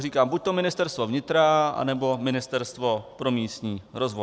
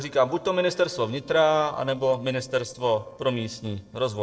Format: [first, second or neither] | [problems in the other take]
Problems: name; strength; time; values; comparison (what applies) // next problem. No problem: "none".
first | noise reduction (neural separator model SepFormer DNS4)